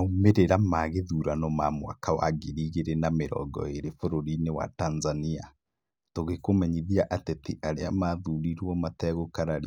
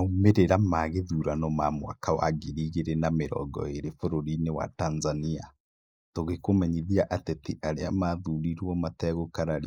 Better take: first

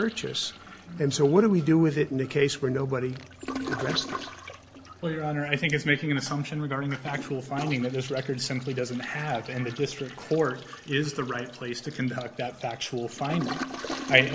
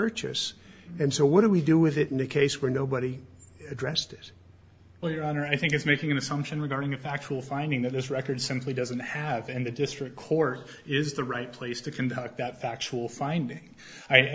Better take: second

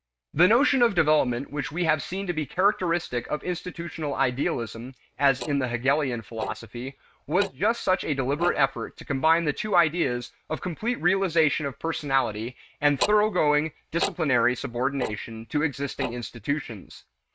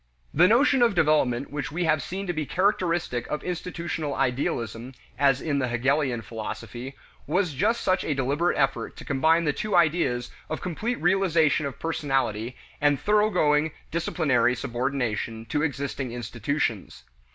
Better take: second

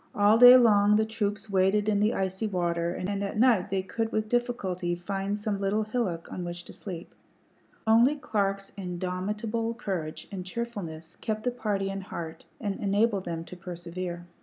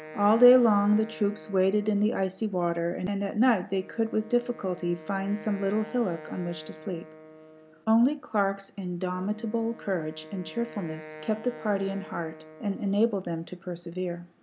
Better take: first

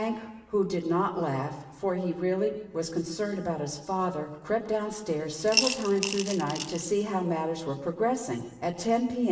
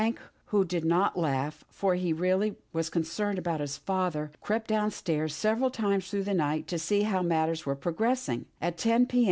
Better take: second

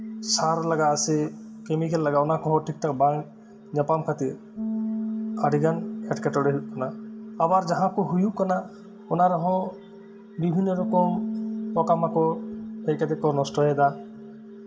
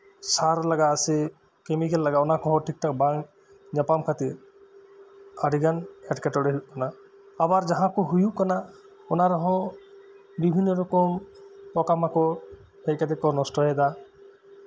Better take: second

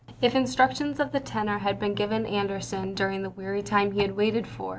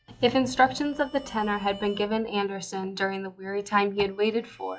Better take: first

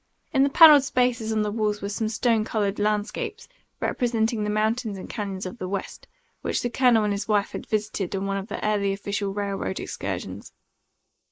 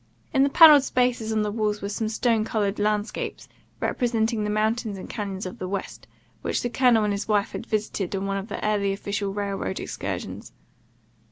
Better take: second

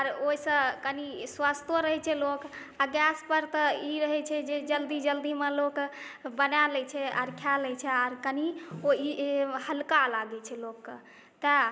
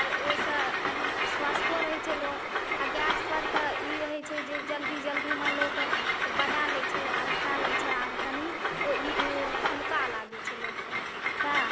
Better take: first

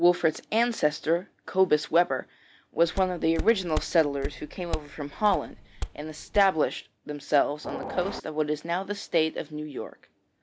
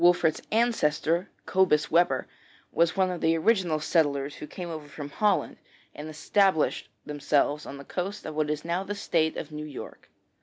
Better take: second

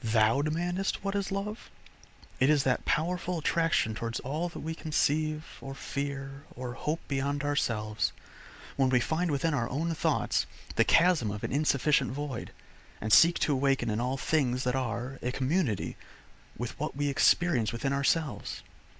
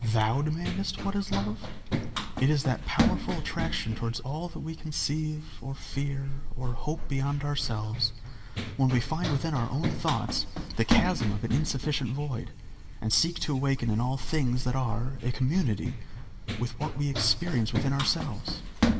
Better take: first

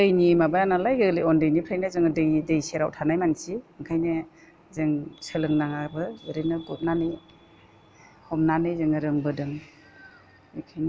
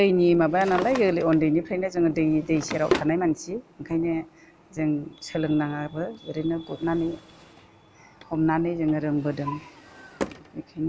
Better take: first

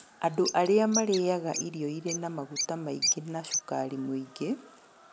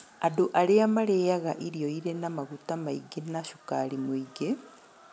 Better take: second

